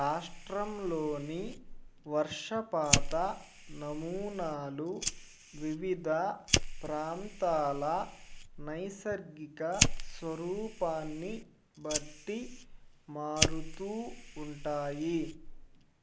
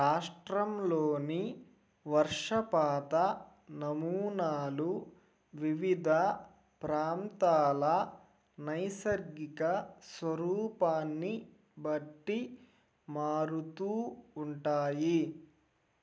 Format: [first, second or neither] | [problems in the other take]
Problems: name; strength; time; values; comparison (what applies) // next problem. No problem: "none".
second | background sound (Fire); 1 dB below the speech